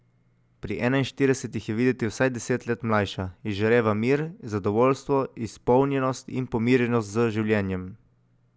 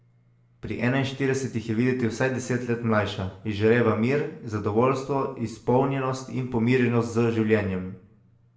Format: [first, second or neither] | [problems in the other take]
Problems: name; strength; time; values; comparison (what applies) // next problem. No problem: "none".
first | room echo; dies away in 0.5 s